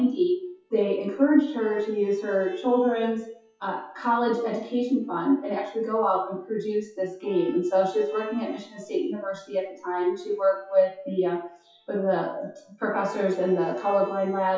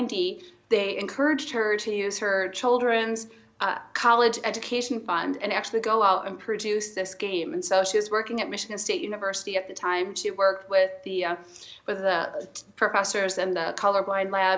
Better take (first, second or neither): second